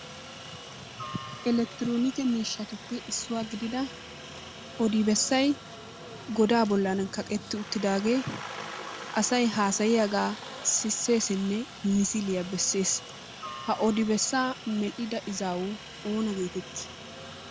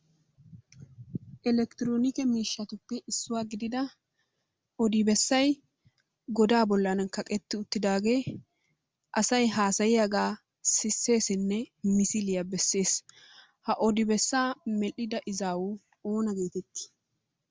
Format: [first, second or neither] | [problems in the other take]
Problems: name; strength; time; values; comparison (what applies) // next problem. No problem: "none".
second | background sound (Aircraft); 13 dB below the speech